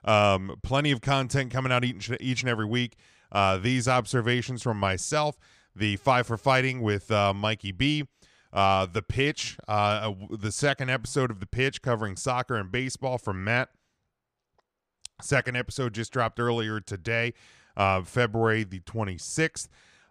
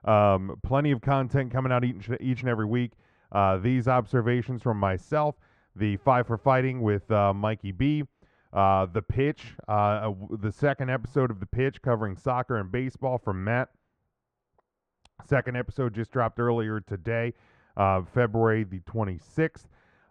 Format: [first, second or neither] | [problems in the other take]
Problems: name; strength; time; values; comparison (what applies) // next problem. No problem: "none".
first | muffled; very; fading above 3 kHz